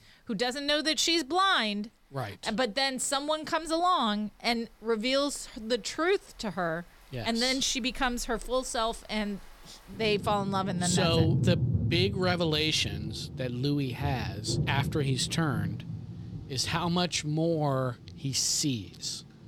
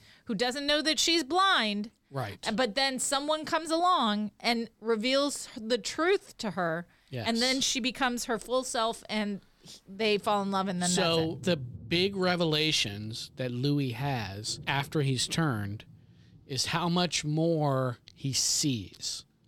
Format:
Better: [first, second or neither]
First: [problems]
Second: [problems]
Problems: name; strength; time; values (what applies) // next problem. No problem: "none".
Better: second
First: rain or running water; loud; throughout; 5 dB below the speech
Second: rain or running water; faint; throughout; 20 dB below the speech